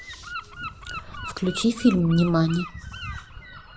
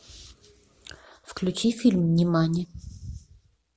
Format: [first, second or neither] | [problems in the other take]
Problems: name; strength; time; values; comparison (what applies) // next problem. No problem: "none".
second | background sound (Gull, seagull / Wind); 12 dB below the speech